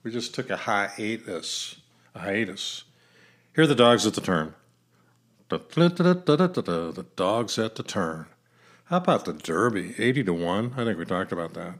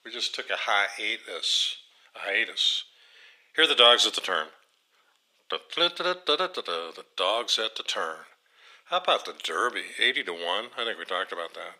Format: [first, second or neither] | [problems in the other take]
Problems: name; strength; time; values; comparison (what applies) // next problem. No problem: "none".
first | thin; very; fading below 500 Hz